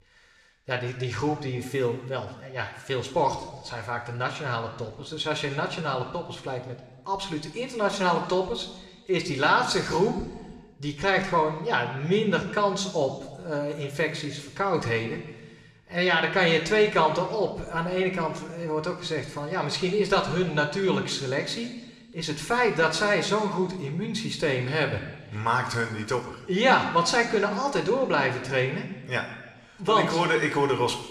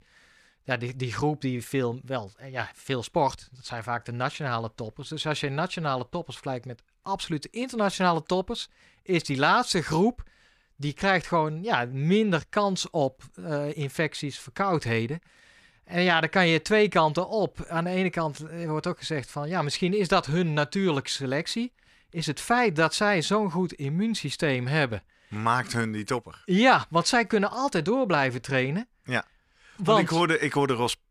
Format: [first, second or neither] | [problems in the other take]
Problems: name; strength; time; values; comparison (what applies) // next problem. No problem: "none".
second | room echo; slight; dies away in 1.1 s